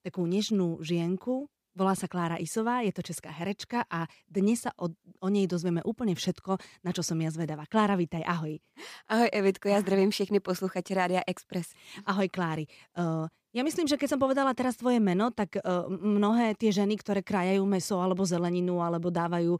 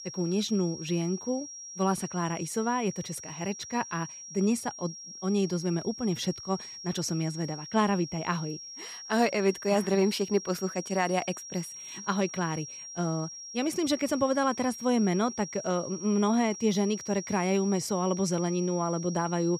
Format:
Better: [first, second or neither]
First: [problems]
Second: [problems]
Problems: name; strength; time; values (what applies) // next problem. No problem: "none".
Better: first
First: none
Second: high-pitched whine; noticeable; throughout; 5.5 kHz, 10 dB below the speech